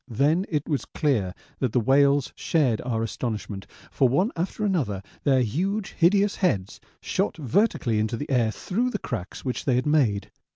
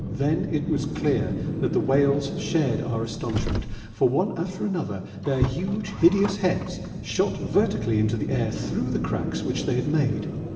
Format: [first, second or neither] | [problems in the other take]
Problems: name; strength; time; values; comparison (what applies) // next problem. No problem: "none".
first | background sound (Car); 6 dB below the speech // room echo; dies away in 2.8 s